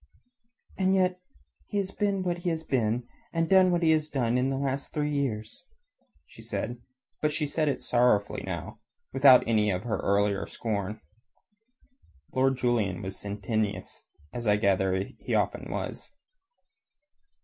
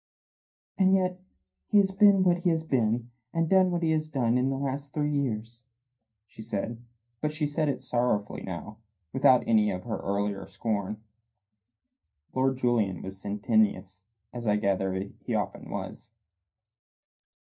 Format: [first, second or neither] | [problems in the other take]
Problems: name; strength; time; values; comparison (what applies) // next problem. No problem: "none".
first | noise reduction (neural mask model DeepFilterNet 3)